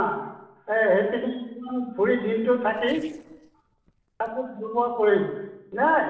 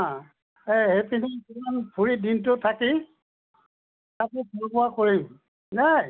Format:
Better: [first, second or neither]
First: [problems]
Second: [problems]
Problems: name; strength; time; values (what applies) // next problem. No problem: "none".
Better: second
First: noise reduction (neural separator model SepFormer DNS4)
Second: none